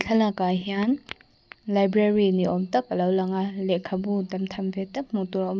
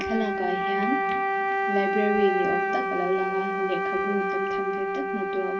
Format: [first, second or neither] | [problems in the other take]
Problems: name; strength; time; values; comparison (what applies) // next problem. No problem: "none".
first | background sound (Wind instrument, woodwind instrument); 3 dB above the speech // room echo; dies away in 3 s